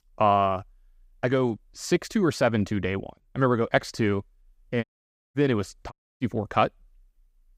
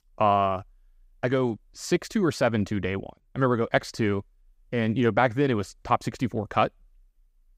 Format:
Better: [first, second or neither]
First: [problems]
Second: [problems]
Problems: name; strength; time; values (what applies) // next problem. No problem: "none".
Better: second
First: audio cutting out; at 5 s for 0.5 s and at 6 s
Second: none